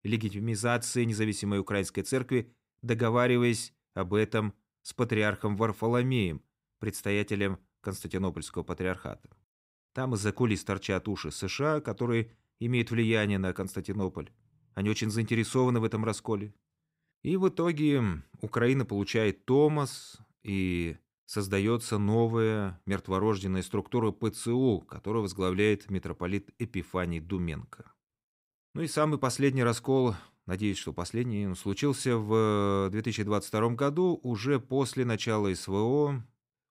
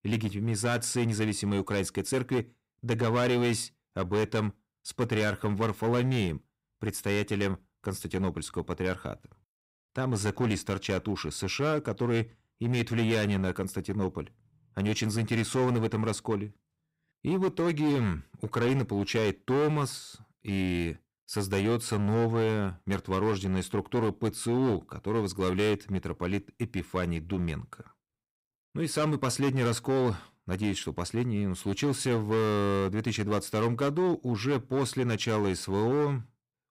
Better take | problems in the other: first | distortion; slight; 10% of the sound clipped

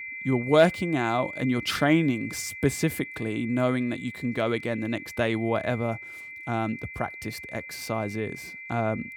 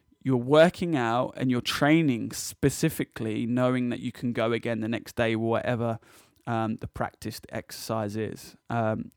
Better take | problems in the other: second | high-pitched whine; noticeable; throughout; 2 kHz, 10 dB below the speech

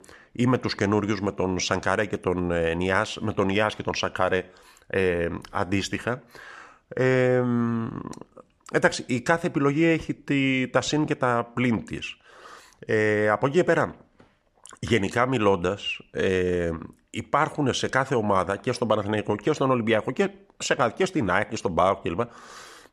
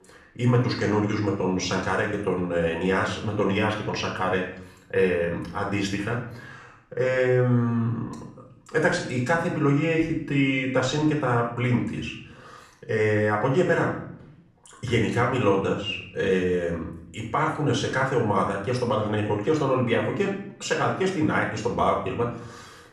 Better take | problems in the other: first | off-mic speech; far // room echo; noticeable; dies away in 0.6 s

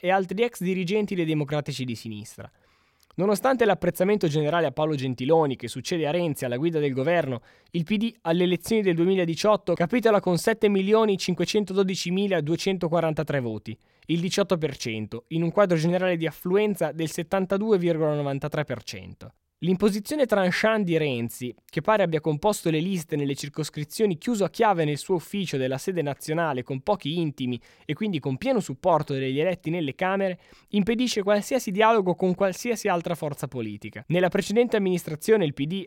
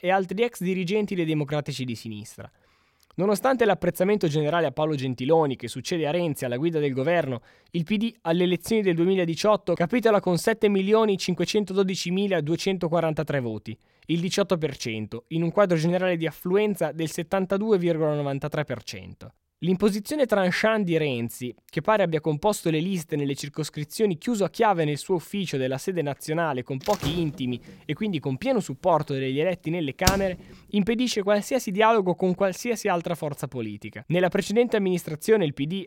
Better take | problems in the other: first | door banging; noticeable; from 27 to 30 s; peak 1 dB below the speech

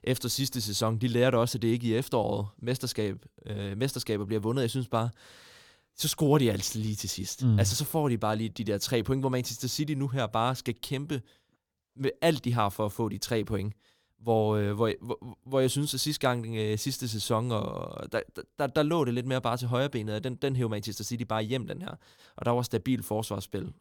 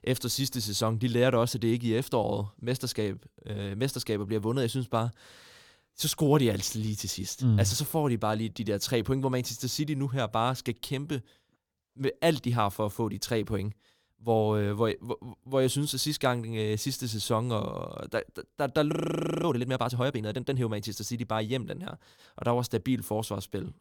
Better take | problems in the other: first | audio freezing; at 19 s for 0.5 s

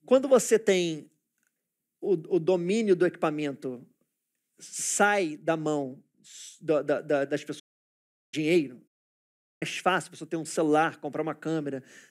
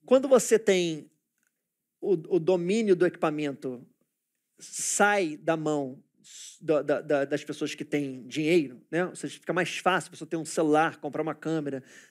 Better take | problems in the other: second | audio cutting out; at 7.5 s for 0.5 s and at 9 s for 0.5 s

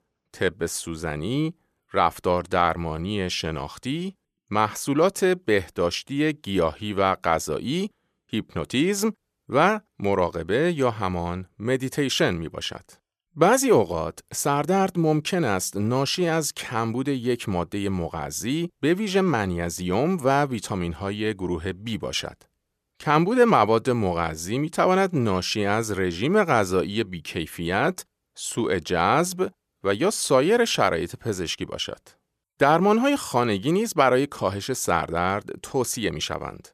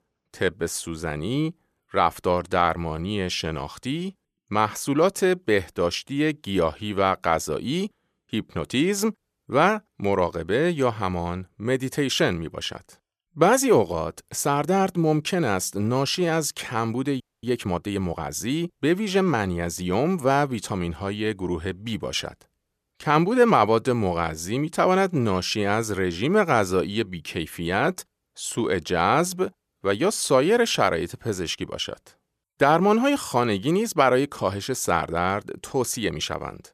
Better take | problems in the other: first | audio freezing; at 17 s

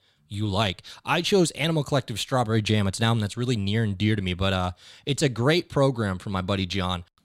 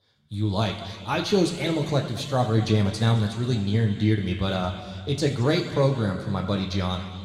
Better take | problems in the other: first | room echo; noticeable; dies away in 2.1 s

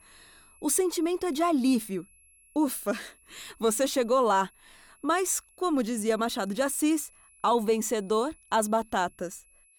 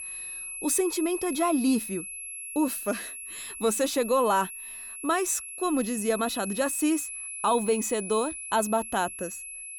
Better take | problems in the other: first | high-pitched whine; loud; throughout; 11 kHz, 8 dB below the speech; faint in the first

